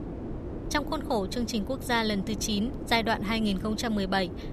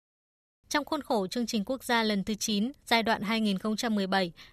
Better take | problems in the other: second | wind noise on the microphone; occasional gusts; 15 dB below the speech

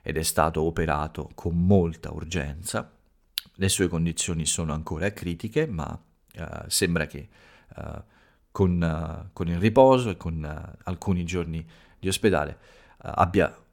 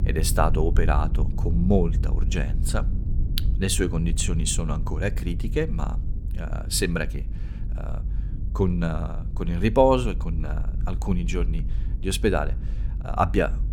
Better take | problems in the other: first | low rumble; noticeable; throughout; 15 dB below the speech

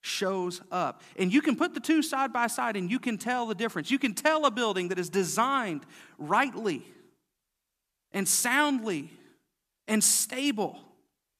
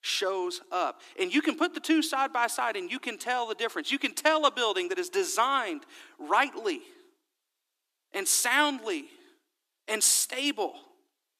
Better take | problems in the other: first | thin; somewhat; fading below 300 Hz

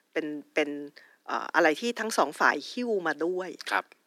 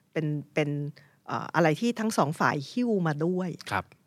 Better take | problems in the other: second | thin; somewhat; fading below 300 Hz

